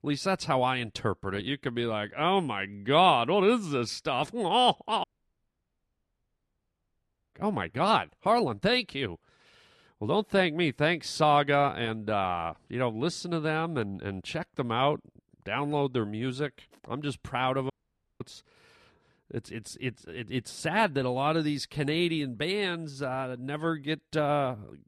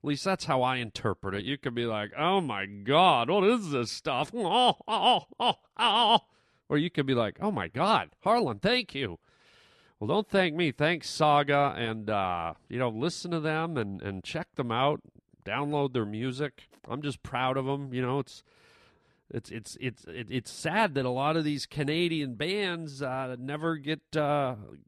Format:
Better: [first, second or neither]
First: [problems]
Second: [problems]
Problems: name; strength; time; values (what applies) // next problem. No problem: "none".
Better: second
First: audio cutting out; at 5 s for 2.5 s and at 18 s for 0.5 s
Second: none